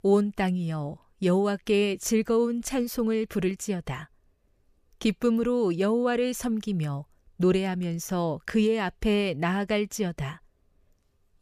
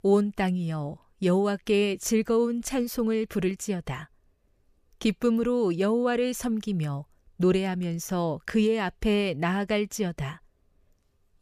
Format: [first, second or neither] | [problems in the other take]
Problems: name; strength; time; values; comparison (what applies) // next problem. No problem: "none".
neither | none